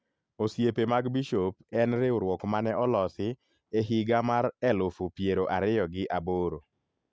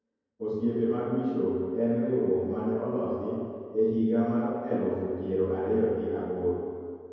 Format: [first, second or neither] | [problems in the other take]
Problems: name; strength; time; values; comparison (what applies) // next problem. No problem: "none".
first | room echo; dies away in 2.2 s